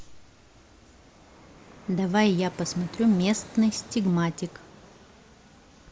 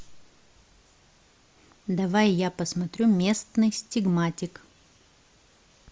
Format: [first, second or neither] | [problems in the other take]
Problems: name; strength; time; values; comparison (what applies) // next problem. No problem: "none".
second | background sound (Fixed-wing aircraft, airplane); 20 dB below the speech